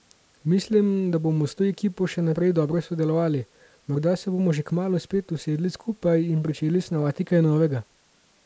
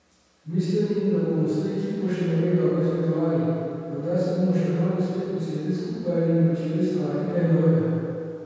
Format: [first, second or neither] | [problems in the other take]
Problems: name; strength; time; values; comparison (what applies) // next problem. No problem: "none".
first | room echo; dies away in 2.2 s